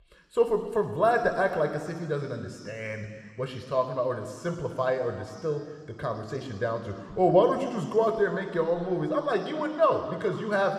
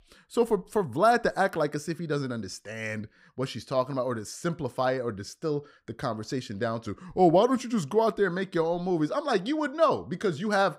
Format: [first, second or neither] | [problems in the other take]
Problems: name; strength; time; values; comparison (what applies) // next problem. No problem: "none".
second | room echo; noticeable; dies away in 2.3 s